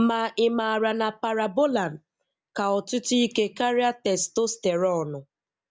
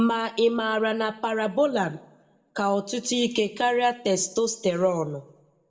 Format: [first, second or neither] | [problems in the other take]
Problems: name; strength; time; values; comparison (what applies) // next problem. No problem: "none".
first | room echo; dies away in 0.5 s